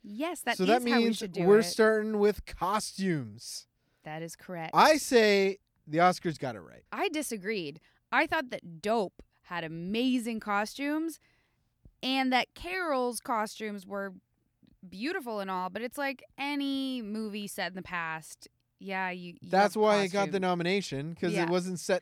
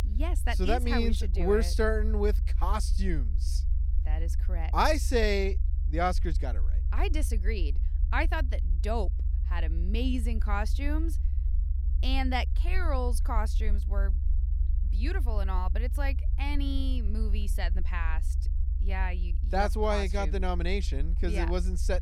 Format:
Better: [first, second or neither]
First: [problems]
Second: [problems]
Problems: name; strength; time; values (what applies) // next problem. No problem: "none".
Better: first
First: none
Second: low rumble; noticeable; throughout; 20 dB below the speech